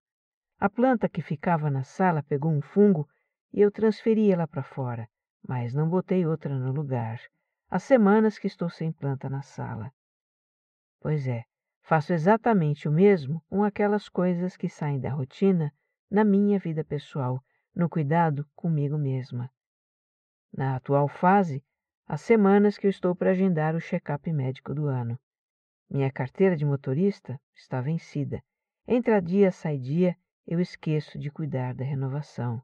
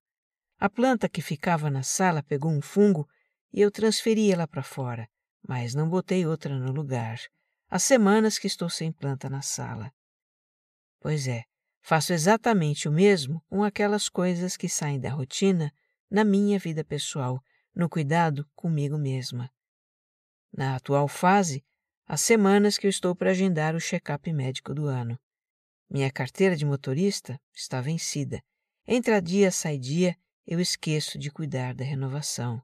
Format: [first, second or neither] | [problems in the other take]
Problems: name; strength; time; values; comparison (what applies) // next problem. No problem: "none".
second | muffled; very; fading above 1.5 kHz